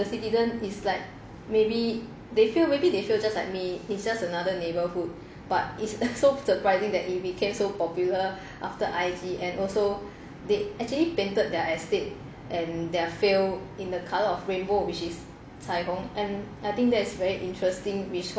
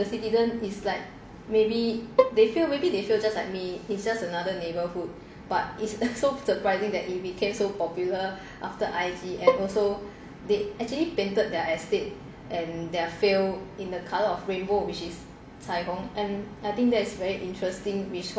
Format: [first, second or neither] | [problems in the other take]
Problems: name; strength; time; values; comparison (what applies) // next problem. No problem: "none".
first | background sound (Bowed string instrument); 2 dB below the speech // room echo; dies away in 1.4 s